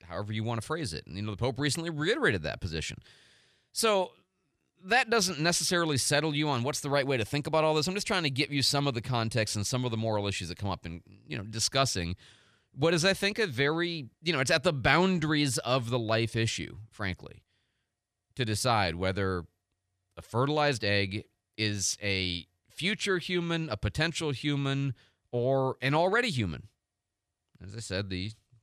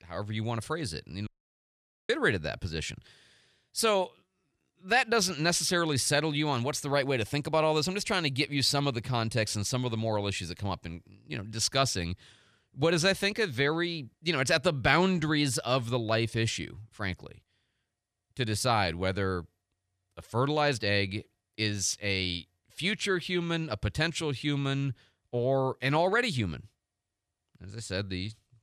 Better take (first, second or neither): first